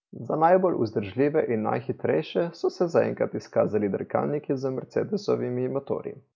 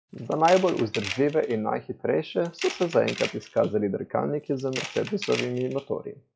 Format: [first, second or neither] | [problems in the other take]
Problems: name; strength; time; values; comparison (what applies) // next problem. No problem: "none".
first | noise reduction (classical method log-MMSE)